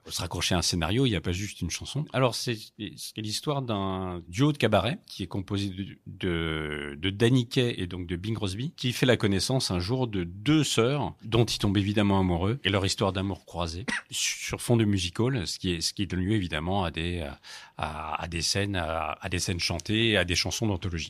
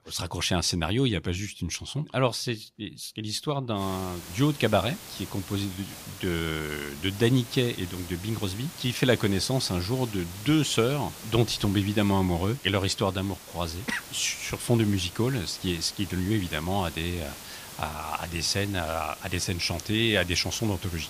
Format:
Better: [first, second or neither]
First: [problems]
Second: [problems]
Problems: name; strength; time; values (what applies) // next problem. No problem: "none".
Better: first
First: none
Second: hiss; noticeable; from 4 s on; 15 dB below the speech